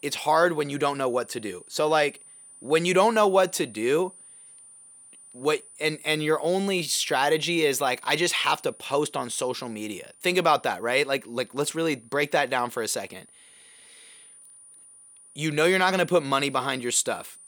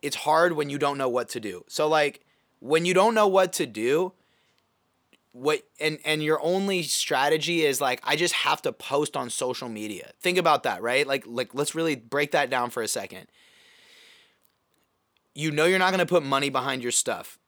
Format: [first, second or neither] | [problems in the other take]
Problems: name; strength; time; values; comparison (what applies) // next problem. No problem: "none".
second | high-pitched whine; faint; throughout; 9.5 kHz, 25 dB below the speech